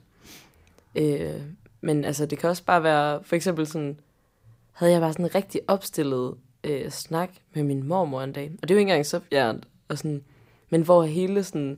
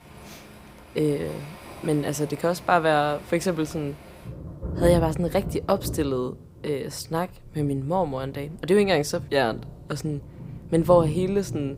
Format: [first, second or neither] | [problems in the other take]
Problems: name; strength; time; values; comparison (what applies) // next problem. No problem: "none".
first | rain or running water; noticeable; throughout; 10 dB below the speech